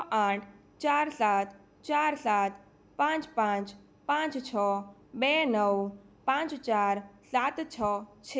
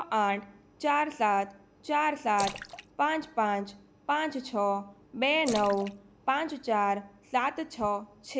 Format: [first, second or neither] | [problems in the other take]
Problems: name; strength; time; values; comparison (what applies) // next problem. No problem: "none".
first | background sound (Splash, splatter); 15 dB below the speech